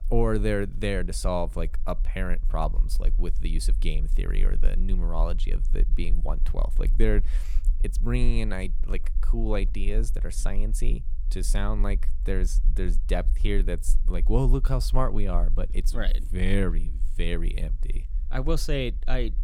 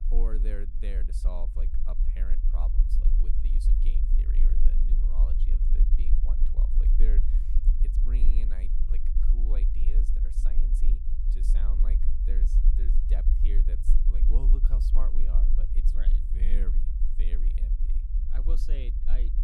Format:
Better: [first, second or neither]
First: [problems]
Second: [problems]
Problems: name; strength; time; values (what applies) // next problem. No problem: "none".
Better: first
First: low rumble; faint; throughout; 20 dB below the speech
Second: low rumble; loud; throughout; 2 dB below the speech